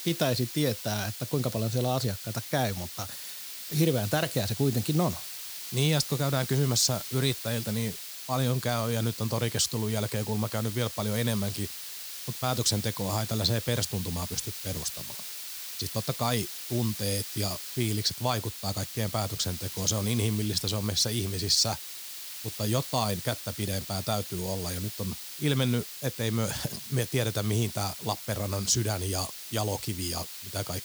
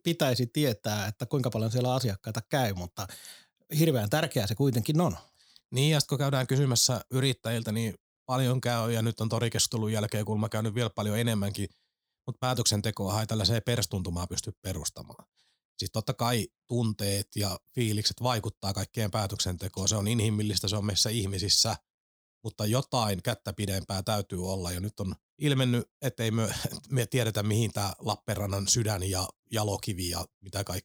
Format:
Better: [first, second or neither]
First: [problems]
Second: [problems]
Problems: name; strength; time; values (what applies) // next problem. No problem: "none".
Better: second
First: hiss; loud; throughout; 8 dB below the speech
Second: none